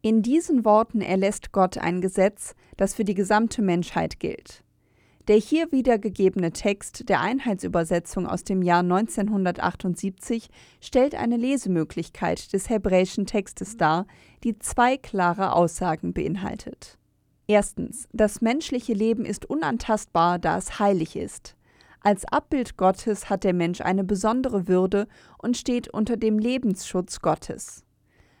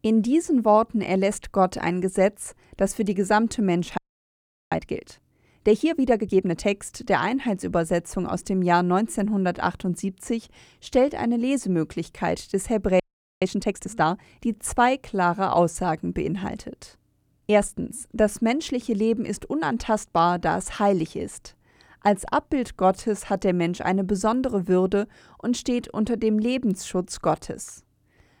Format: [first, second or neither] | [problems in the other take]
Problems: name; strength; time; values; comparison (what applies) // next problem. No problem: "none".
first | audio freezing; at 4 s for 0.5 s and at 13 s